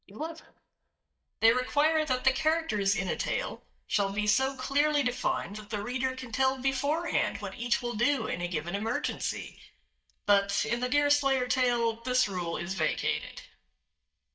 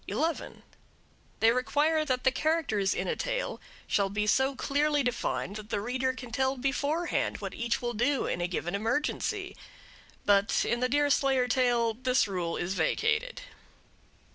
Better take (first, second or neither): second